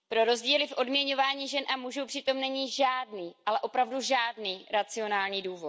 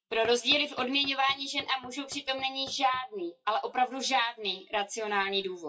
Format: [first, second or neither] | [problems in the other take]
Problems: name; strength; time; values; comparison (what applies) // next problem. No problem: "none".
first | noise reduction (classical method WPE with log-MMSE)